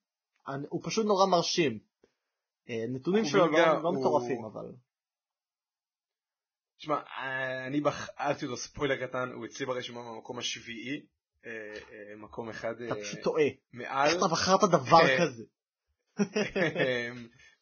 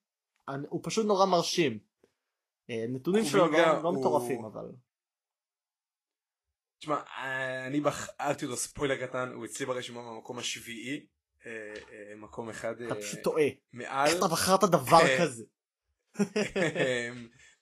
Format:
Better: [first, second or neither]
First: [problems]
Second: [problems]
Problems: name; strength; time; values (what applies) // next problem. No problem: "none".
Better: second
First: garbled, watery; badly; nothing above 6.5 kHz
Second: garbled, watery; slightly; nothing above 12.5 kHz